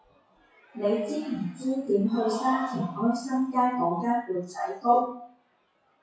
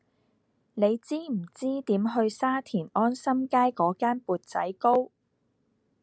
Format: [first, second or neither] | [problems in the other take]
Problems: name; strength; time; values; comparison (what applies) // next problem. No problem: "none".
second | noise reduction (classical method WPE with log-MMSE)